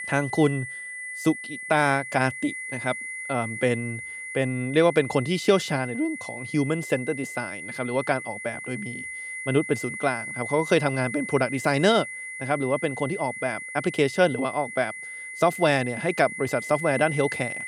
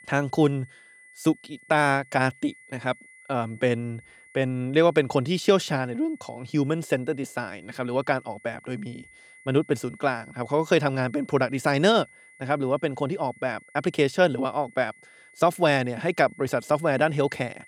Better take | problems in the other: second | high-pitched whine; loud; throughout; 2 kHz, 8 dB below the speech; faint in the second

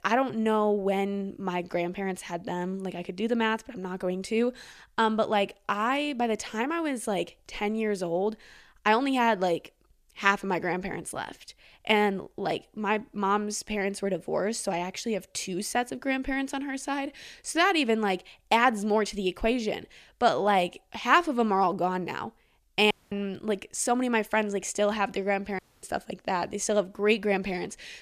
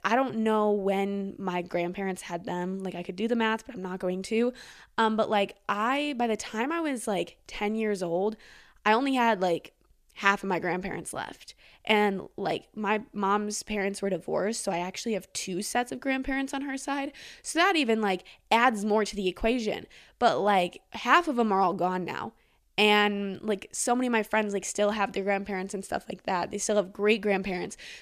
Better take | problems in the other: second | audio cutting out; at 23 s and at 26 s

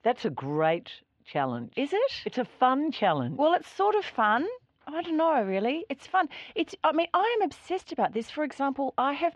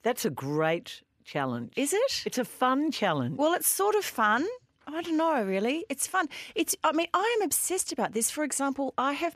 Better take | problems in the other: second | muffled; very; fading above 3.5 kHz

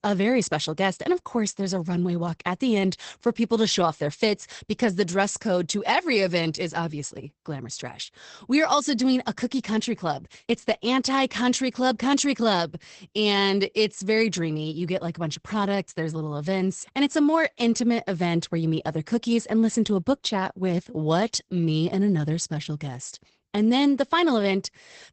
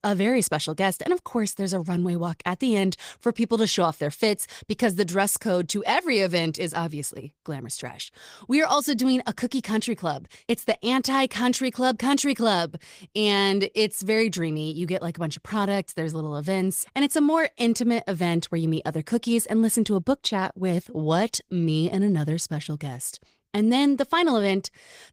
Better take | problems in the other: second | garbled, watery; badly; nothing above 8 kHz; slightly in the second

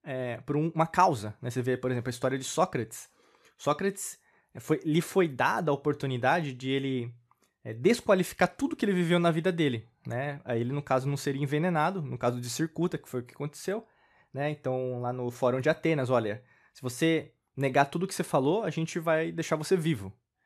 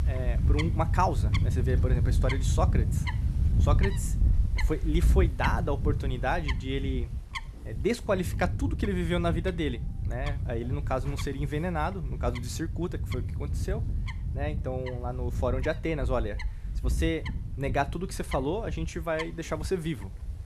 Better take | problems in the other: first | animal sounds; very loud; throughout; 2 dB above the speech

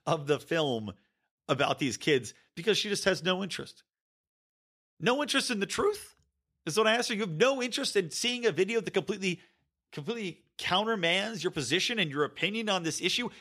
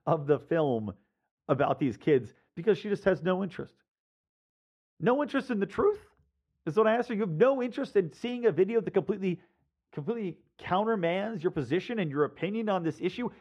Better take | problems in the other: first | muffled; very; fading above 2.5 kHz

